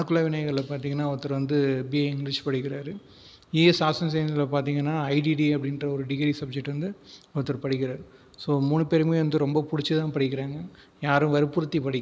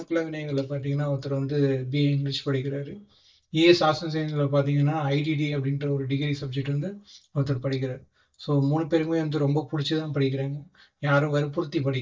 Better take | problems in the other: first | noise reduction (neural mask model DeepFilterNet 3)

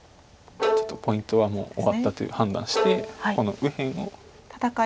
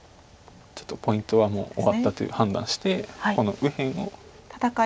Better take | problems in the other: second | background sound (Bowed string instrument); 3 dB below the speech

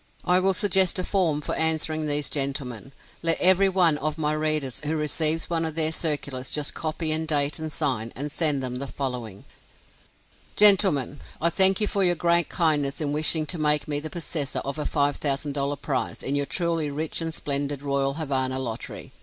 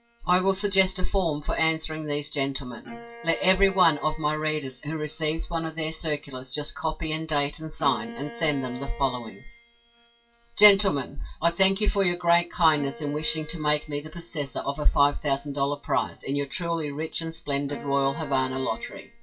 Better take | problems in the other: first | noise reduction (classical method WPE with log-MMSE)

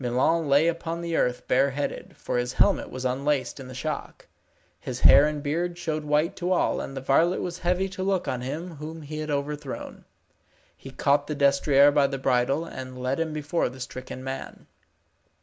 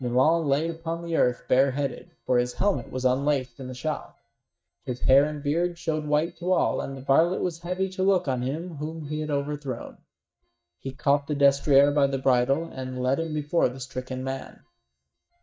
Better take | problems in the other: first | noise reduction (neural mask model DeepFilterNet 3)

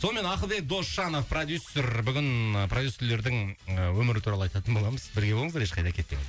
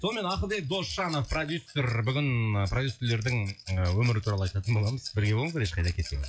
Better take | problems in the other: first | noise reduction (classical method log-MMSE)

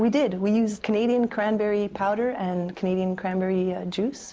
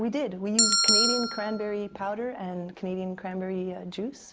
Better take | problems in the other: first | background sound (Bell); 5 dB above the speech

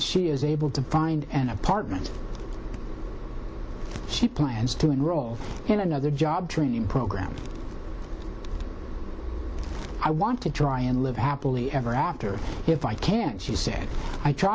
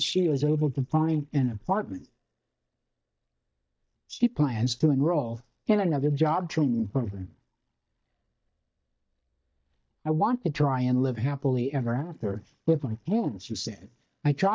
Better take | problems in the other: first | noise reduction (neural mask model DeepFilterNet 3)

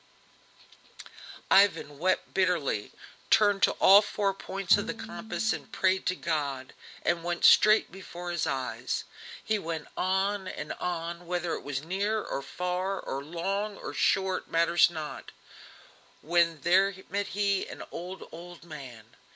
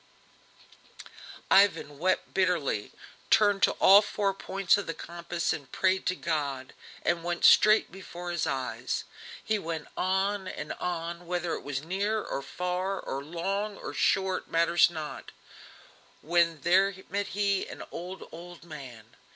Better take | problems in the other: second | background sound (Bowed string instrument); 16 dB below the speech

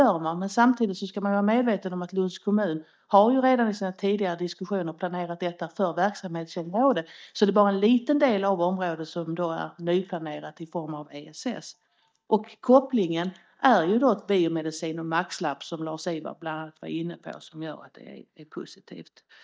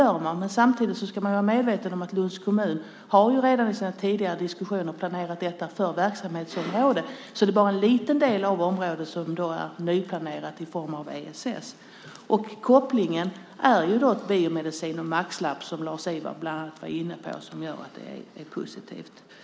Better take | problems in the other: second | noise reduction (neural mask model DeepFilterNet 3)

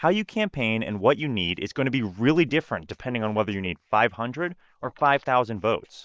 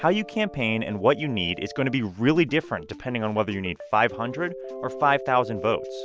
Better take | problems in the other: second | noise reduction (neural mask model Resemble Enhance denoiser)

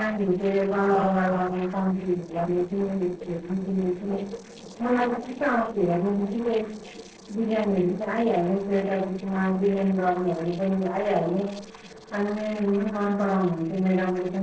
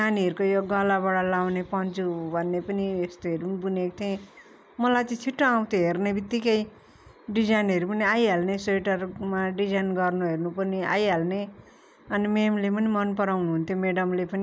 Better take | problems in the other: second | noise reduction (neural separator model SepFormer DNS4)

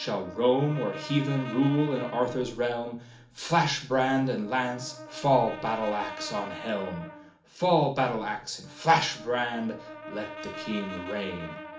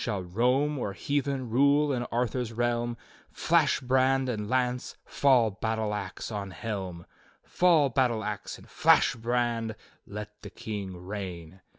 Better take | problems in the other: second | background sound (Brass instrument); 14 dB below the speech // room echo; dies away in 0.4 s

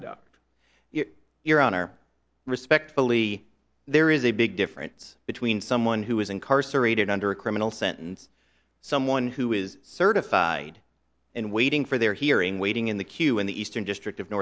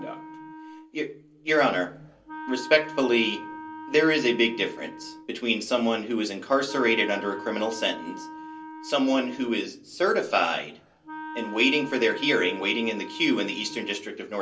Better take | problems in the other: first | background sound (Wind instrument, woodwind instrument); 14 dB below the speech // room echo; dies away in 0.3 s

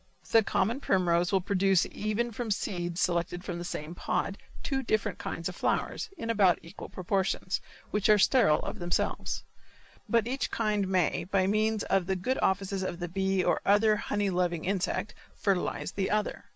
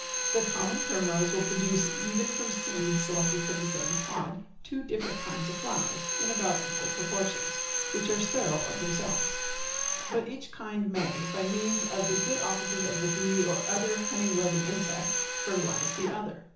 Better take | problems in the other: first | background sound (Drill); 1 dB below the speech // room echo; dies away in 0.7 s

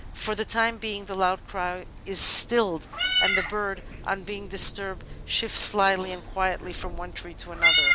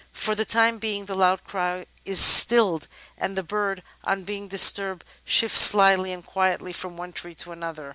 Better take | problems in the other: second | background sound (Meow); 1 dB below the speech

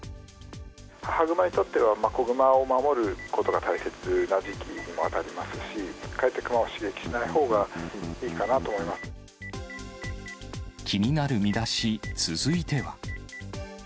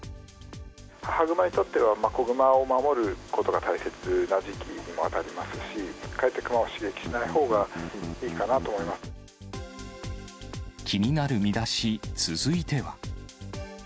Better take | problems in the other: second | background sound (Telephone); 18 dB below the speech

